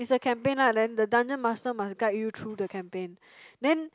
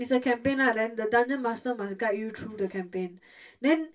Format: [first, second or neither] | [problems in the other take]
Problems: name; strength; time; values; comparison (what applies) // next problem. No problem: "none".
first | room echo; dies away in 0.1 s